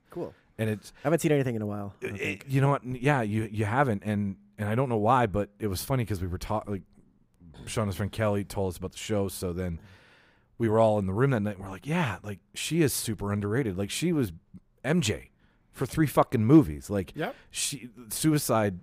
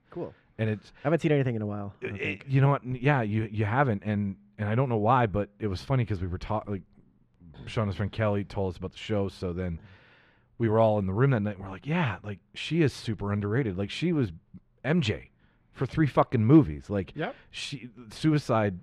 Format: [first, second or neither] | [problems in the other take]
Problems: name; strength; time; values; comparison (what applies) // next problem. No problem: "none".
first | muffled; slightly; fading above 3 kHz